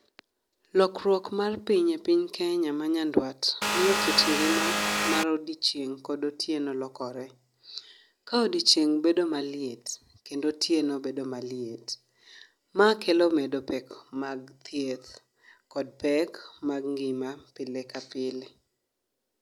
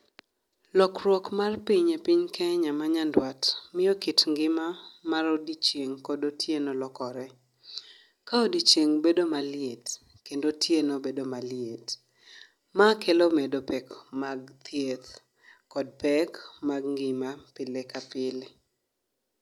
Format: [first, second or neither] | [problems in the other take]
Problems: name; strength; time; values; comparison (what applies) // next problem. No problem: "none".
second | background sound (Vehicle); 2 dB above the speech